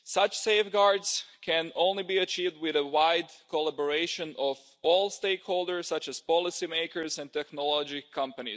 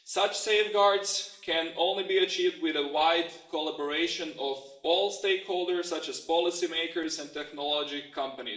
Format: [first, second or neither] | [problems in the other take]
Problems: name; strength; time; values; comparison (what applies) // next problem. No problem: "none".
first | room echo; dies away in 0.6 s